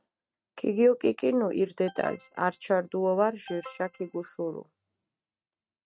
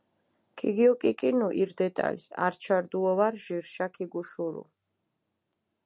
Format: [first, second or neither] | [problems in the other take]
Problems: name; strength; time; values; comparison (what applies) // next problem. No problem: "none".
second | noise reduction (neural mask model RNNoise)